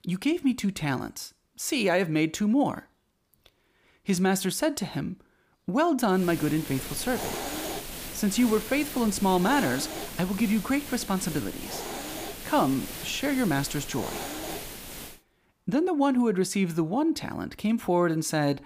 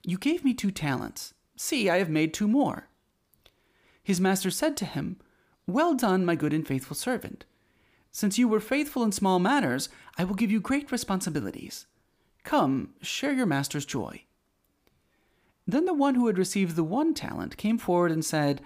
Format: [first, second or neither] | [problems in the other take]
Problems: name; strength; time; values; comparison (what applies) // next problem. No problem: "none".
second | hiss; loud; from 6 to 15 s; 9 dB below the speech